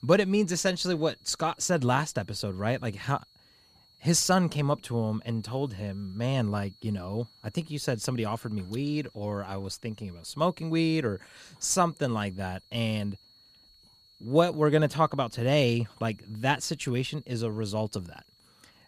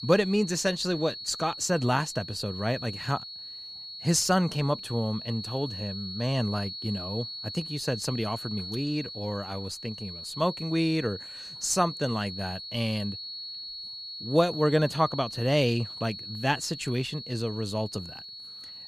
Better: first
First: high-pitched whine; faint; throughout; 4.5 kHz, 30 dB below the speech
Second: high-pitched whine; loud; throughout; 4.5 kHz, 8 dB below the speech

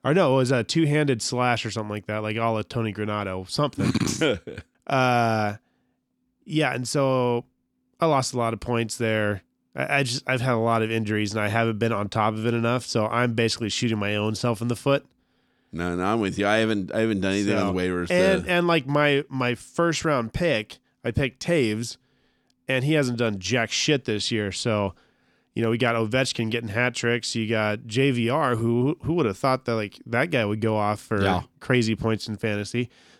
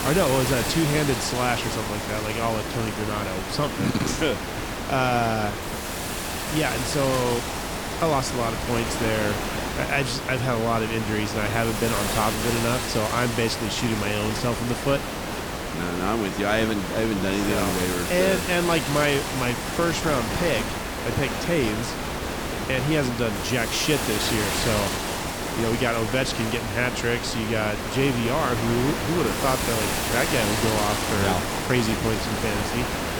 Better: first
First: none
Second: hiss; loud; throughout; 2 dB below the speech

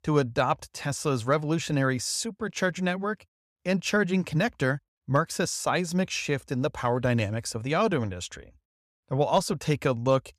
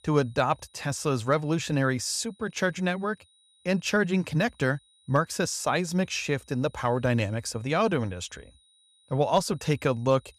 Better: first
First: none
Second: high-pitched whine; faint; throughout; 4 kHz, 35 dB below the speech

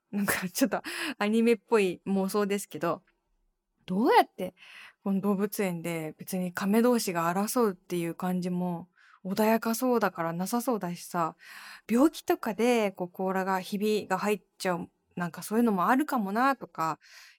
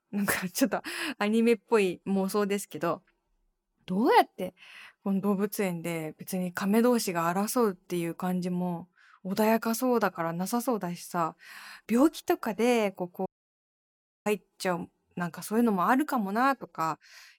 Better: first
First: none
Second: audio cutting out; at 13 s for 1 s

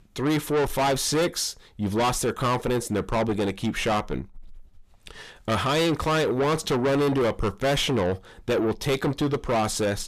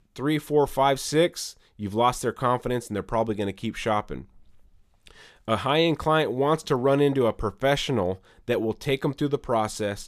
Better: second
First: distortion; heavy; 6 dB below the speech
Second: none

